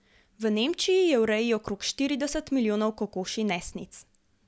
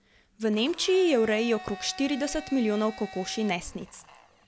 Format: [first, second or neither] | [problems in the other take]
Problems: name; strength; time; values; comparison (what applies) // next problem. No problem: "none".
first | background sound (Domestic sounds, home sounds); 17 dB below the speech